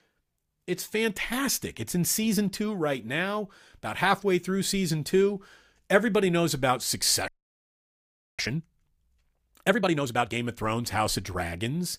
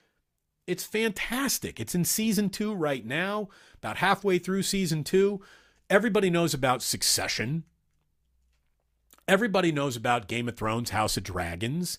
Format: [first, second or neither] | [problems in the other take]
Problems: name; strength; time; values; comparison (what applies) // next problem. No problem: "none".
second | audio freezing; at 7.5 s for 1 s